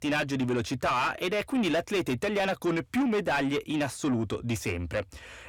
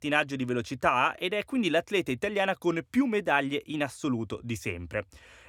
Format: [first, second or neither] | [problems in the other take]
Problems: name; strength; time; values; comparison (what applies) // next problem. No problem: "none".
second | distortion; heavy; 6 dB below the speech